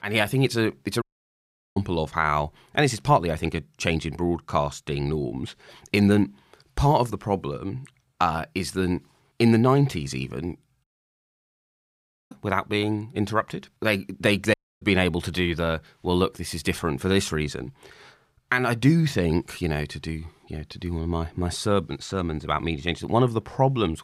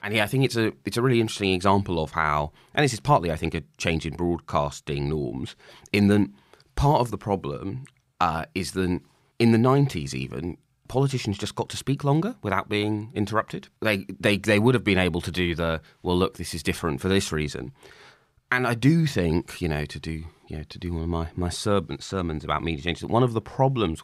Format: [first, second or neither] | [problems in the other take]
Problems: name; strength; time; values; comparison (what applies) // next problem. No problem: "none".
second | audio cutting out; at 1 s for 0.5 s, at 11 s for 1.5 s and at 15 s